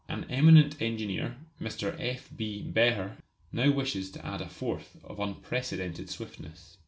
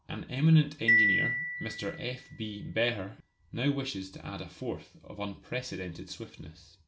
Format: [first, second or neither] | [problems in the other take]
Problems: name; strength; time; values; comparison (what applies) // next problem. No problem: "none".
first | background sound (Marimba, xylophone); as loud as the speech